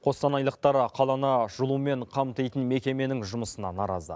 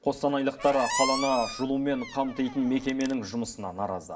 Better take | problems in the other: first | background sound (Squeak); 7 dB below the speech // room echo; dies away in 0.5 s

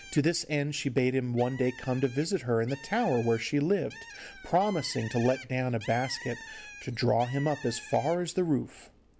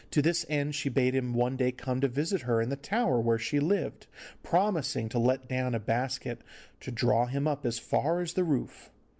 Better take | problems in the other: second | background sound (Bird); 18 dB below the speech

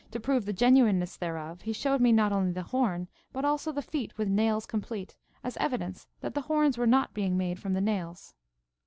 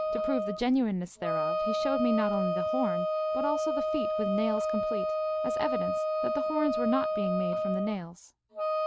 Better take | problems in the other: first | background sound (Wind instrument, woodwind instrument); 2 dB above the speech

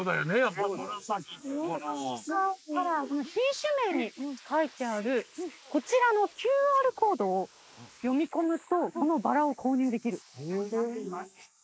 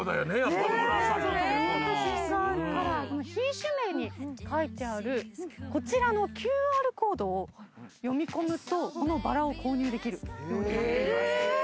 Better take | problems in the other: second | noise reduction (neural mask model Resemble Enhance denoiser)

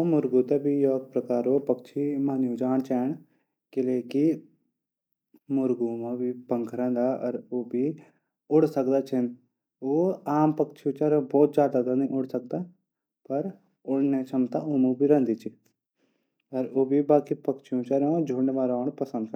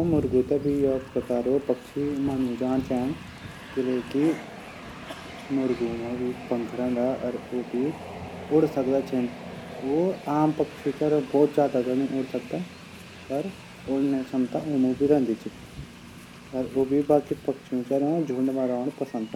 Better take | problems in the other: first | background sound (Train); 14 dB below the speech

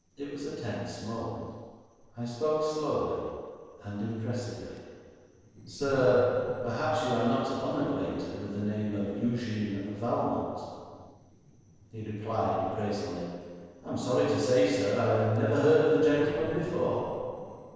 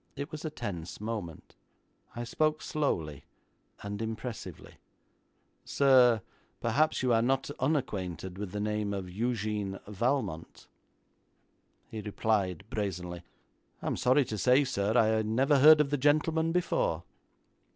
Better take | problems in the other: second | noise reduction (neural separator model SepFormer DNS4)

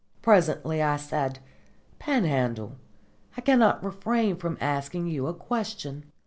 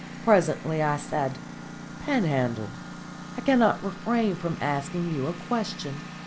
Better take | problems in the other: first | background sound (Engine); 12 dB below the speech

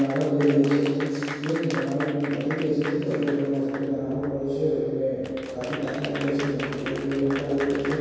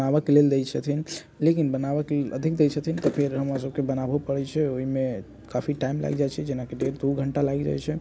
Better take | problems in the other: second | background sound (Applause / Crowd); 13 dB below the speech // room echo; dies away in 2.2 s

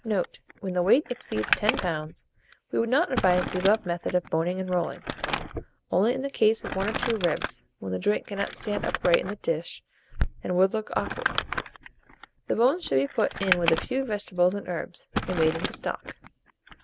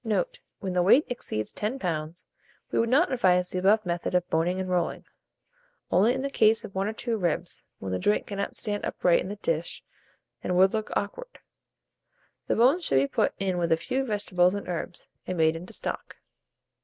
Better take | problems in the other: second | background sound (Crumpling, crinkling); 7 dB below the speech

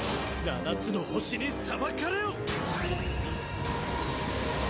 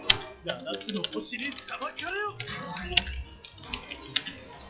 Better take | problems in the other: first | noise reduction (classical method log-MMSE)

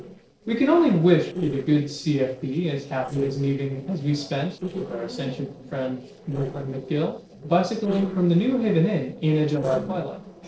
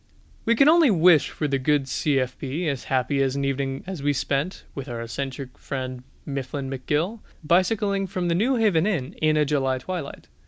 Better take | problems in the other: second | noise reduction (neural separator model SepFormer DNS4)

